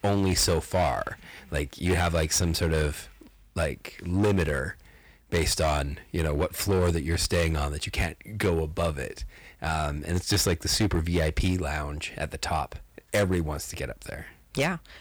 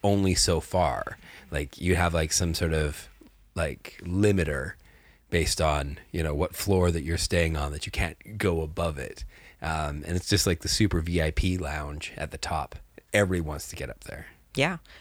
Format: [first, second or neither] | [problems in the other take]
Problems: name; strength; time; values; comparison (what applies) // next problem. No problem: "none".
second | distortion; slight; 7% of the sound clipped